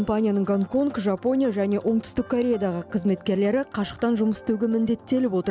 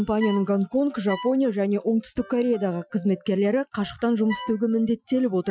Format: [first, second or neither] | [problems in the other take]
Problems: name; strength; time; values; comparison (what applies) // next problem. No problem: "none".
first | noise reduction (classical method Wiener filter)